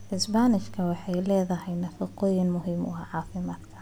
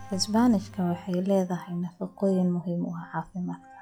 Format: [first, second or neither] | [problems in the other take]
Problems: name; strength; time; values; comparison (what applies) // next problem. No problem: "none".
first | noise reduction (classical method log-MMSE)